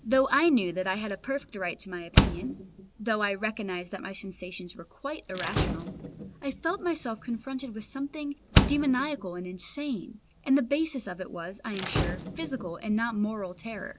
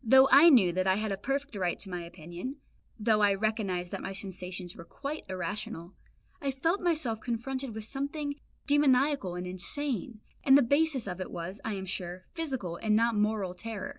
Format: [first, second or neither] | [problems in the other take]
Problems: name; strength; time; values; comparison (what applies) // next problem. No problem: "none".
second | background sound (Slam); 3 dB below the speech